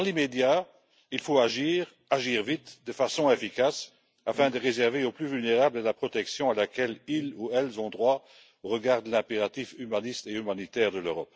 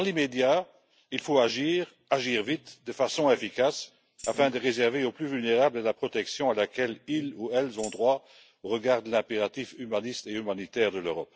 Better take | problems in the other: first | background sound (Tambourine); 18 dB below the speech

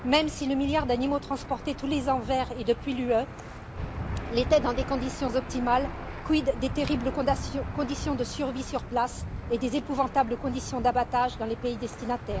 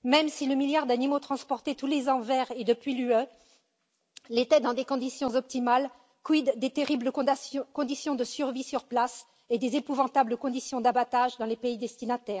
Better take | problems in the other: second | background sound (Engine / Aircraft); 8 dB below the speech

